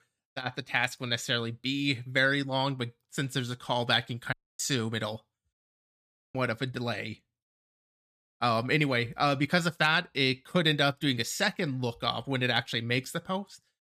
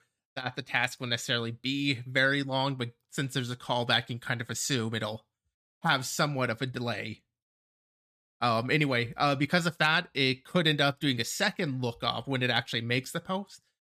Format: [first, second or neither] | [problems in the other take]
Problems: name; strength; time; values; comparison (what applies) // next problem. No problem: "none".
second | audio cutting out; at 4.5 s and at 5.5 s for 1 s